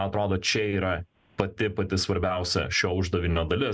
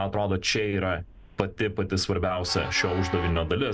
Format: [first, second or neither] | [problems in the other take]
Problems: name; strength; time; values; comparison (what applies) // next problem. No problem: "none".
first | background sound (Train); 14 dB below the speech